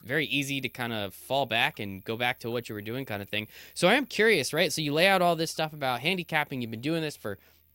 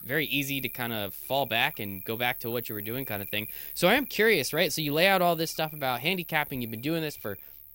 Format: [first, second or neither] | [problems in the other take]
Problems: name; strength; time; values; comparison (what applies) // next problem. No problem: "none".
first | animal sounds; loud; throughout; 10 dB below the speech; faint in the first